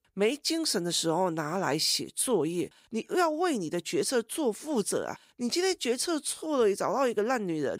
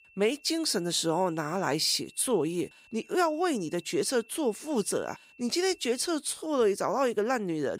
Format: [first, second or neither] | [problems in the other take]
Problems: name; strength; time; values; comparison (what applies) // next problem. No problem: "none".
first | high-pitched whine; faint; until 6 s; 2.5 kHz, 25 dB below the speech